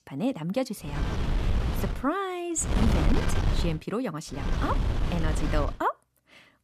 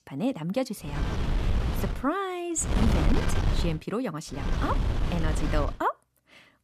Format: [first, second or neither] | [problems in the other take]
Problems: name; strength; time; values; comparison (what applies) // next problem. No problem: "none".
neither | wind noise on the microphone; heavy; from 1 to 2 s, from 2.5 to 3.5 s and from 4.5 to 5.5 s; 4 dB below the speech; the same in both